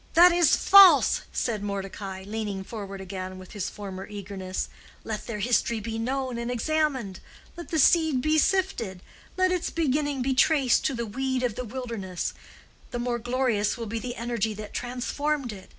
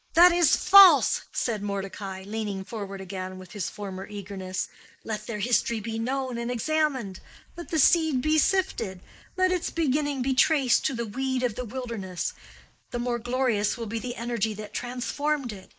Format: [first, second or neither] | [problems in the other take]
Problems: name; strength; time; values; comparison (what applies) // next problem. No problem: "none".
first | noise reduction (neural mask model Resemble Enhance denoiser)